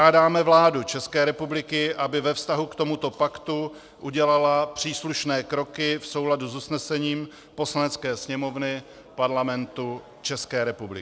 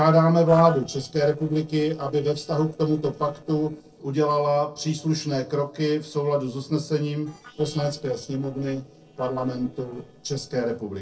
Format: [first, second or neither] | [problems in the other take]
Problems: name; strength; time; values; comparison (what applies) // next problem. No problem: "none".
first | noise reduction (neural separator model SepFormer DNS4)